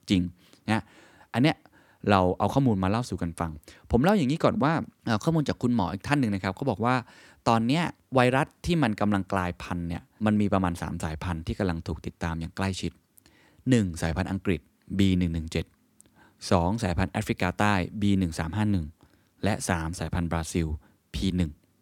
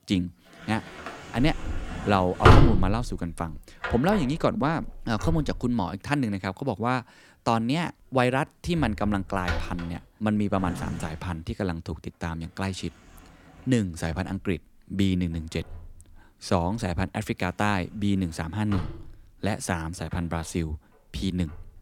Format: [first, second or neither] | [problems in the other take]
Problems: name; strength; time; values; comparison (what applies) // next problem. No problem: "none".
first | household noises; very loud; throughout; as loud as the speech